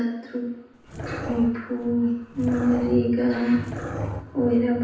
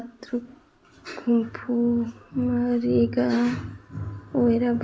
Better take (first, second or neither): second